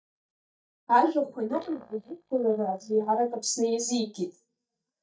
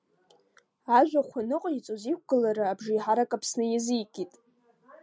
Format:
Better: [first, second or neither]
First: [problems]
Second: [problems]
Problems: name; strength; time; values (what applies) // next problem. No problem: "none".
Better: second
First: noise reduction (neural mask model DeepFilterNet 3)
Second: none